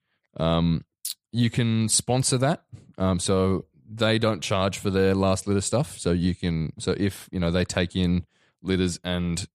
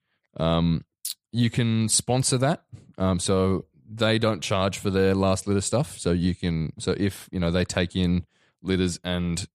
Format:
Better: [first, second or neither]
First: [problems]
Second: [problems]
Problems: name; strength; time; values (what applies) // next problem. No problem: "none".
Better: neither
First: none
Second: none